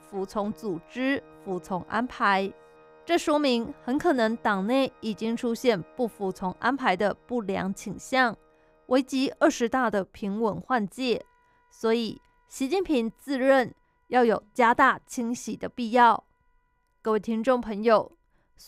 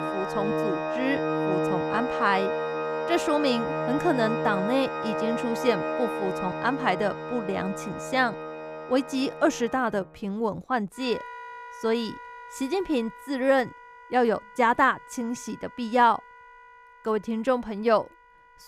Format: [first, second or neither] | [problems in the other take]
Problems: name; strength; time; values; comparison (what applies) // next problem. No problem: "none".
first | background music; loud; throughout; 4 dB below the speech; faint in the first